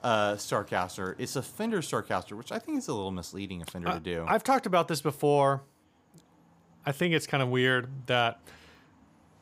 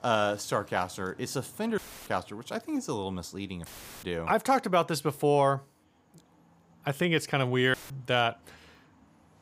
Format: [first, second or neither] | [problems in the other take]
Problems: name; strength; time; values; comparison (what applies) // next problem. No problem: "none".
first | audio cutting out; filled with static; at 2 s, at 3.5 s and at 7.5 s